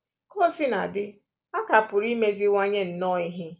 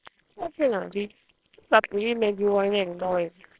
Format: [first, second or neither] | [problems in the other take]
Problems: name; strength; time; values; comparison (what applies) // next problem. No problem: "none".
first | noise reduction (neural separator model SepFormer WHAMR!)